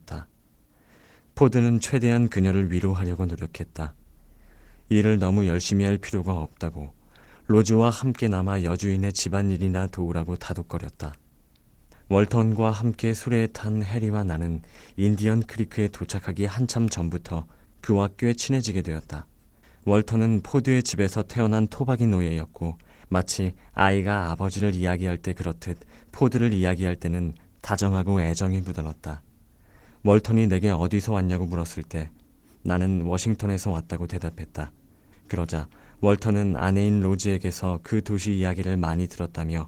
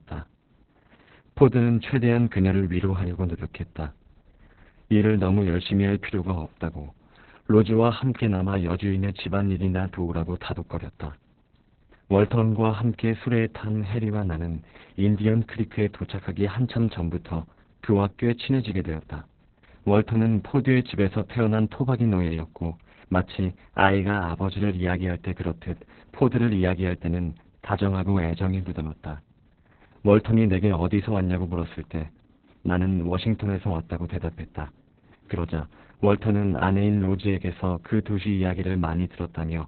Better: first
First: garbled, watery; slightly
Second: garbled, watery; badly; nothing above 4 kHz

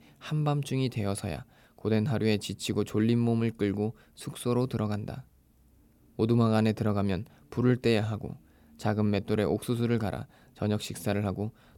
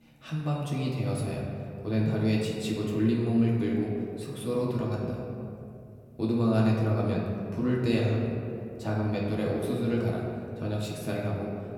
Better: first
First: none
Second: room echo; noticeable; dies away in 2.3 s // off-mic speech; far

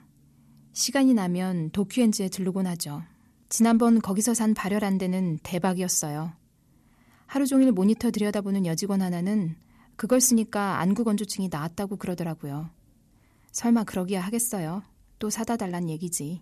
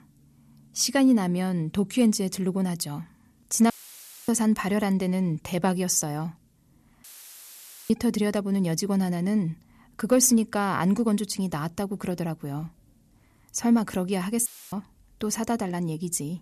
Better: first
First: none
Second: audio cutting out; filled with static; at 3.5 s for 0.5 s, at 7 s for 1 s and at 14 s

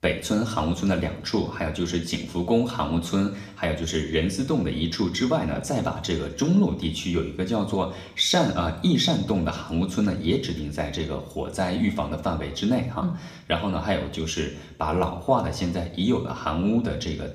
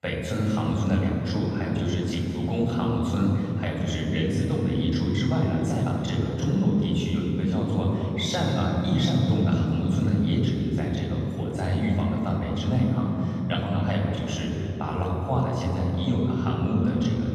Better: first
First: room echo; slight; dies away in 0.6 s // off-mic speech; somewhat distant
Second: room echo; strong; dies away in 3 s // off-mic speech; far

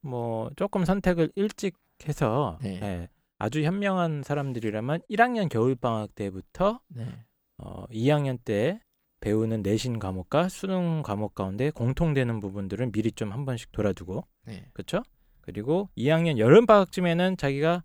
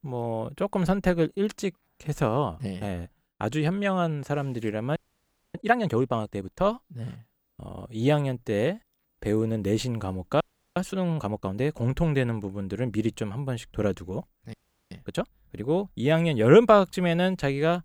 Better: first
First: none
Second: audio freezing; at 5 s for 0.5 s, at 10 s and at 15 s

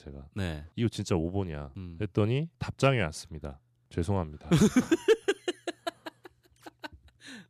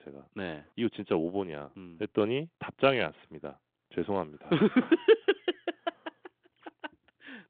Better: first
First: none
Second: phone-call audio

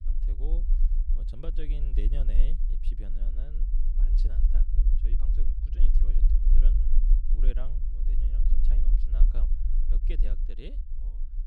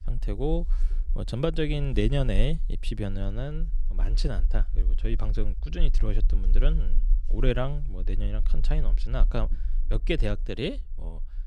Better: second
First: low rumble; loud; throughout; 3 dB below the speech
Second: low rumble; faint; throughout; 20 dB below the speech

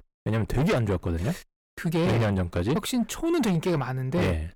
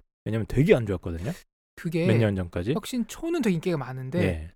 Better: second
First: distortion; heavy; 6 dB below the speech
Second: none

